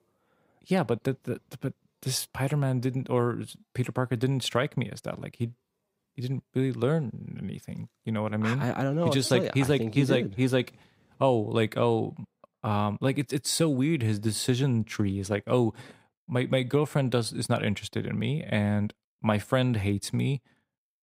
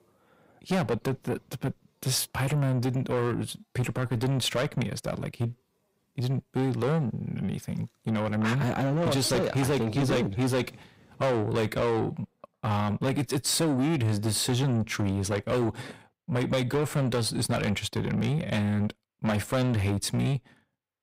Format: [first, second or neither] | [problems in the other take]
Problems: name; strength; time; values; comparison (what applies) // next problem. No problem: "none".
first | distortion; heavy; 7 dB below the speech